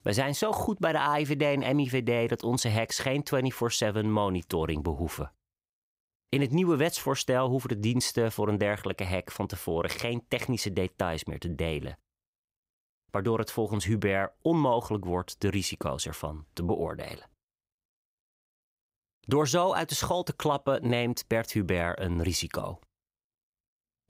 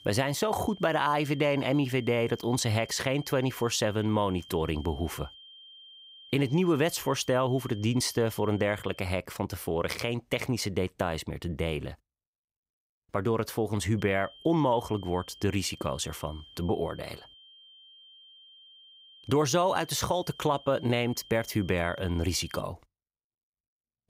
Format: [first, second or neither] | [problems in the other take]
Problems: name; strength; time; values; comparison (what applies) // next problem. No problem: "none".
first | high-pitched whine; faint; until 9 s and from 14 to 23 s; 3 kHz, 20 dB below the speech